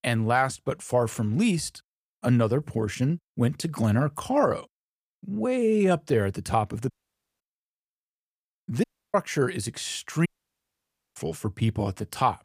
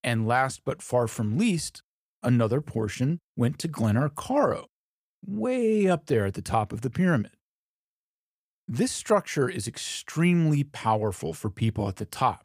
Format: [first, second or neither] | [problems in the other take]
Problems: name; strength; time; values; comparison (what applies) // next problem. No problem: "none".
second | audio cutting out; at 7 s for 0.5 s, at 9 s and at 10 s for 1 s